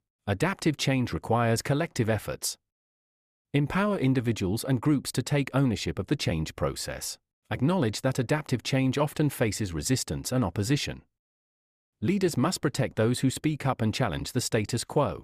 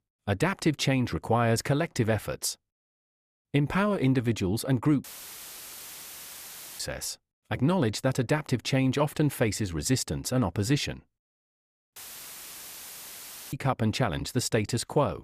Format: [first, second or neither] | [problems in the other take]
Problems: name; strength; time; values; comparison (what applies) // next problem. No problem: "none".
first | audio cutting out; filled with static; at 5 s for 2 s and at 12 s for 1.5 s